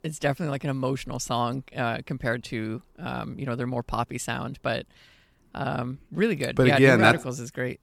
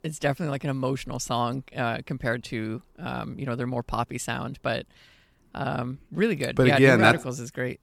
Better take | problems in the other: neither | none

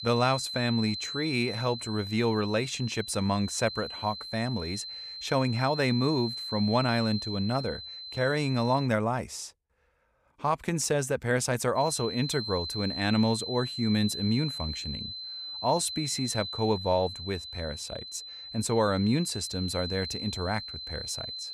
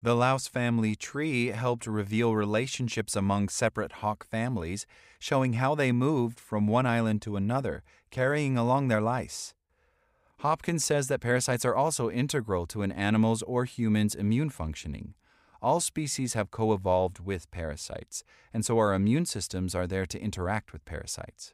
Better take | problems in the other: second | high-pitched whine; loud; until 9 s and from 12 s on; 4 kHz, 7 dB below the speech

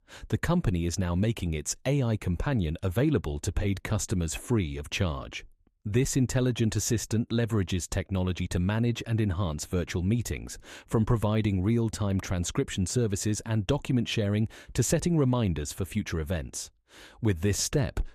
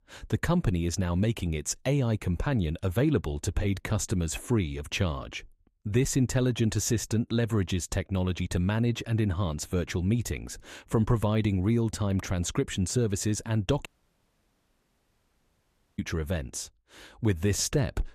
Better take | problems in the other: first | audio cutting out; at 14 s for 2 s

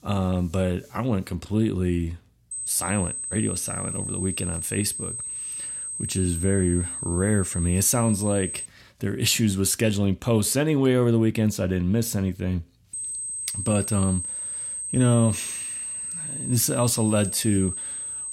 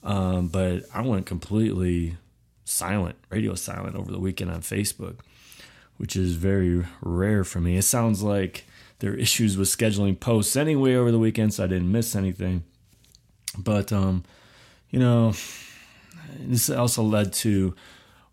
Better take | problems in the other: second | high-pitched whine; loud; from 2.5 to 8.5 s and from 13 s on; 8.5 kHz, 5 dB below the speech

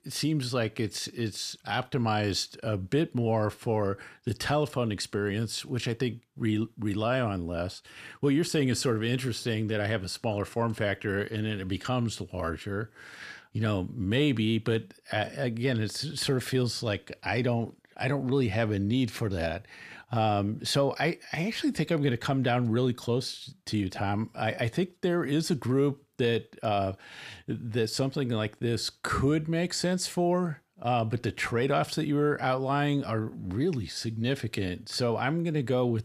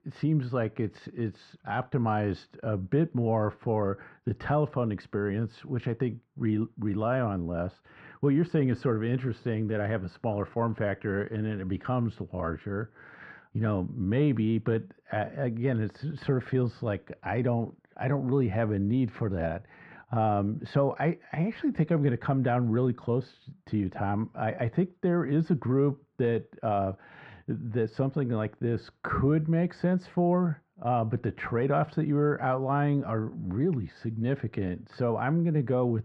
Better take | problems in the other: first | muffled; very; fading above 1.5 kHz

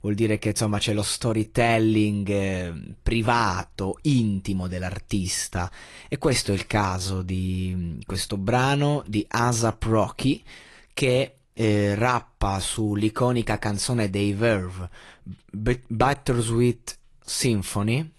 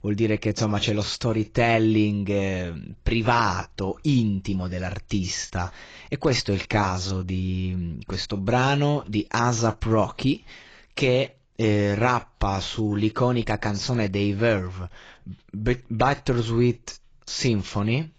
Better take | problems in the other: first | garbled, watery; badly; nothing above 7.5 kHz; slightly in the first

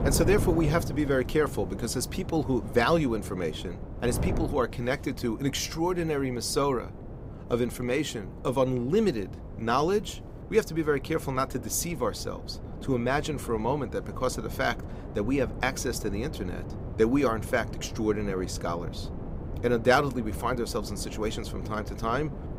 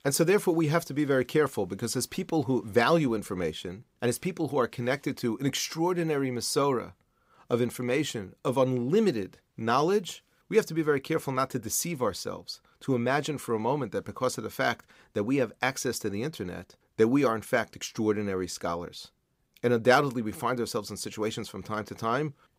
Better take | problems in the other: second | wind noise on the microphone; occasional gusts; 15 dB below the speech

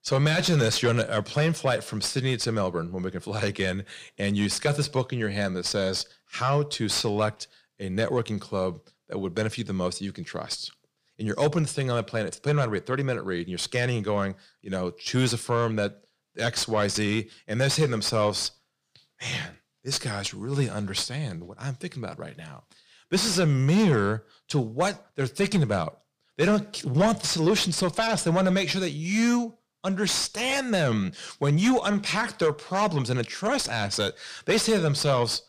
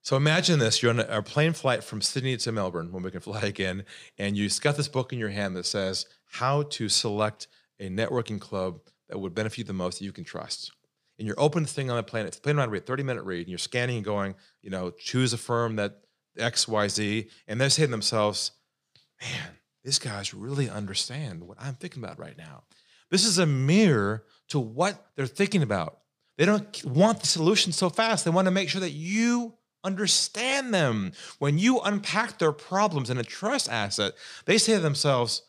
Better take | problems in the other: second | distortion; slight; 10 dB below the speech

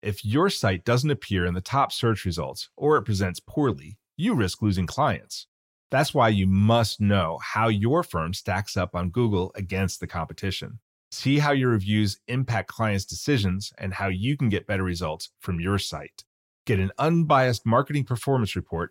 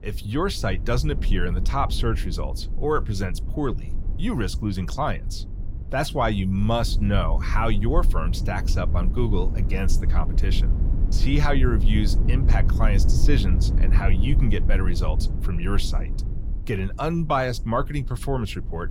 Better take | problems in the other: first | low rumble; noticeable; throughout; 15 dB below the speech

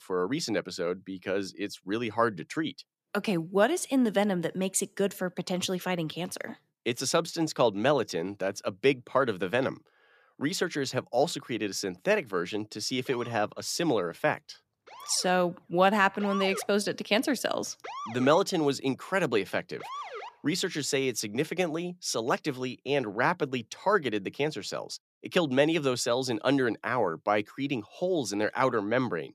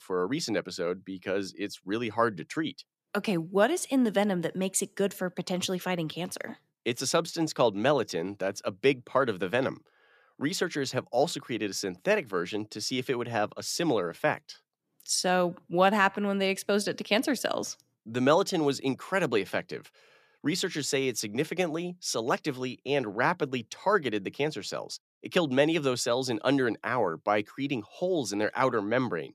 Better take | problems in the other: second | siren; noticeable; from 13 to 20 s; peak 7 dB below the speech

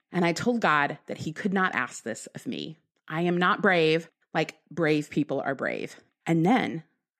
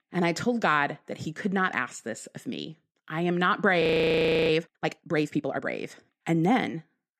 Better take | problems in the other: first | audio freezing; at 4 s for 0.5 s

